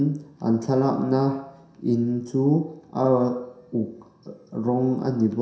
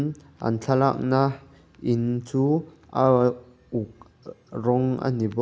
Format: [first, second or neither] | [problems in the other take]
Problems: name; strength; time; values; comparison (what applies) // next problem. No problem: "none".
second | room echo; dies away in 0.7 s